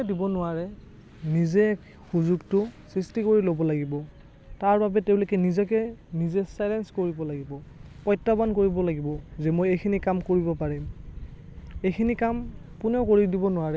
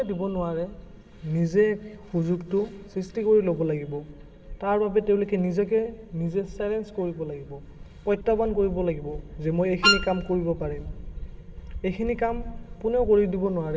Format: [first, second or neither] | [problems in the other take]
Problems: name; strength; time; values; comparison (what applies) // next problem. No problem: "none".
first | background sound (Wind instrument, woodwind instrument); 2 dB above the speech // room echo; dies away in 2.3 s